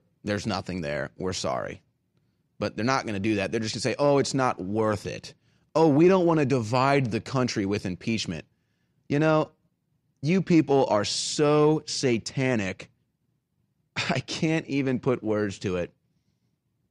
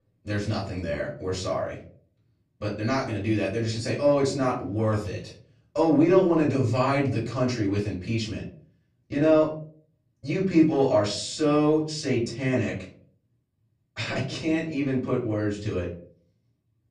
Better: first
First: none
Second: room echo; slight; dies away in 0.4 s // off-mic speech; far

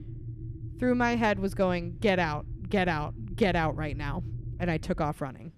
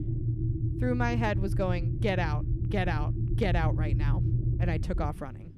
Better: first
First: low rumble; faint; throughout; 25 dB below the speech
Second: low rumble; loud; throughout; 9 dB below the speech

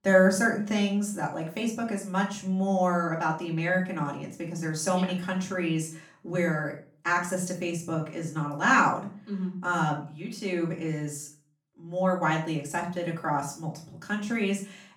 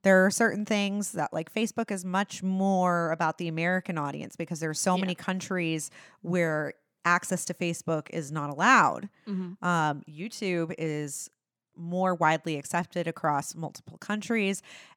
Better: second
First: off-mic speech; far // room echo; slight; dies away in 0.4 s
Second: none

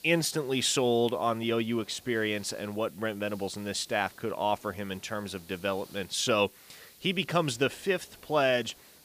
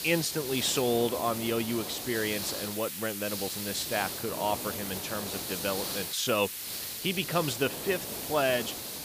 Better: first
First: hiss; faint; throughout; 25 dB below the speech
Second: hiss; loud; throughout; 4 dB below the speech

